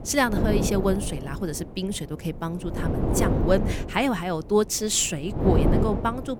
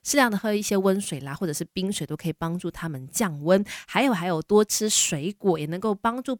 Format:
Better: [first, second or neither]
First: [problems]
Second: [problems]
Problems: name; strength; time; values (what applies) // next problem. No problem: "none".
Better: second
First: wind noise on the microphone; heavy; 4 dB below the speech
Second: none